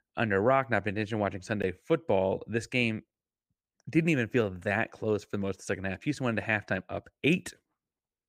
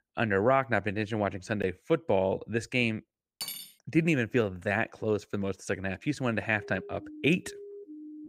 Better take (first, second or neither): first